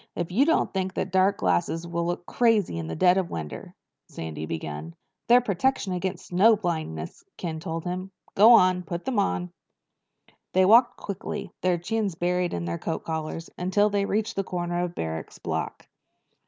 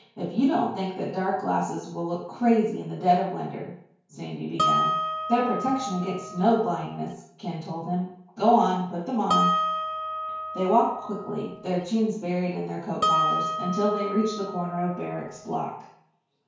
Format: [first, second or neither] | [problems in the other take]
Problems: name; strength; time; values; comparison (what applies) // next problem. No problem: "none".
first | background sound (Harp); 2 dB below the speech // room echo; dies away in 0.5 s